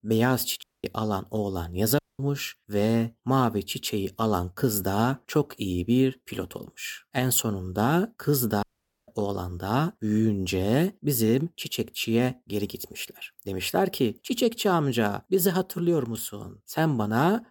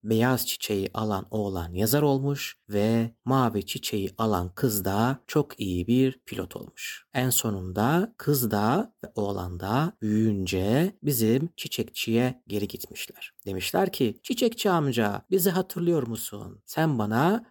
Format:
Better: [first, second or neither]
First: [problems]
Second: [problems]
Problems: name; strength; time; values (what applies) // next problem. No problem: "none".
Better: second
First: audio cutting out; at 0.5 s, at 2 s and at 8.5 s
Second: none